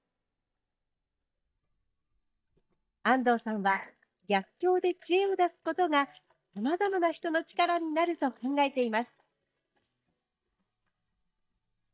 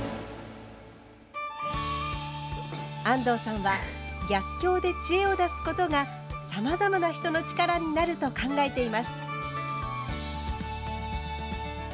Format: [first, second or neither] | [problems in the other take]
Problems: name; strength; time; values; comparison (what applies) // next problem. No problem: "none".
second | noise reduction (neural mask model DeepFilterNet 3)